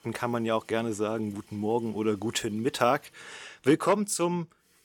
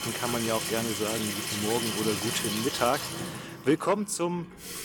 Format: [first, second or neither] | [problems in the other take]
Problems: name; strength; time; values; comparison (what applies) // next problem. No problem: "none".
first | household noises; loud; throughout; 1 dB below the speech; faint in the first